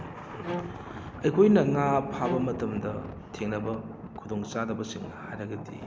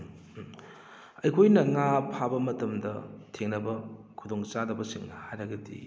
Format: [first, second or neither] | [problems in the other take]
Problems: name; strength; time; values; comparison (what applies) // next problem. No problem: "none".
second | background sound (Thunder + Bowed string instrument); 10 dB below the speech